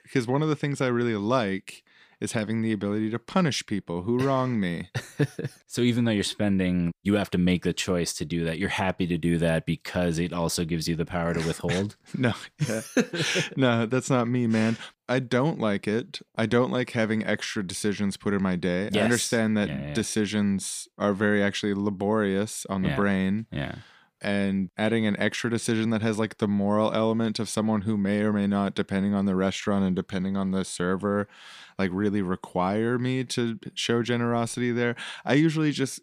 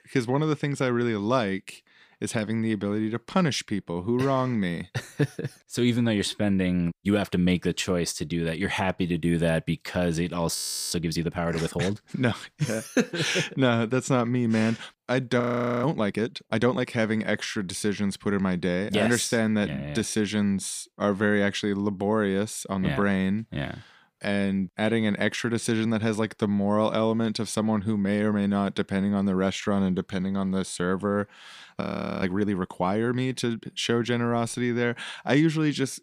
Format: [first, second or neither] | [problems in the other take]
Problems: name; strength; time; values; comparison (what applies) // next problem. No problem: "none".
first | audio freezing; at 11 s, at 15 s and at 32 s